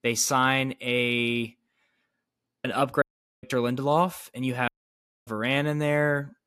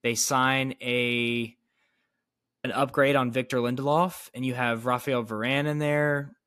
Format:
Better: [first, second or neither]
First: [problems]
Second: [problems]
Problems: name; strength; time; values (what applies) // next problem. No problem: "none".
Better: second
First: audio cutting out; at 3 s and at 4.5 s for 0.5 s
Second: none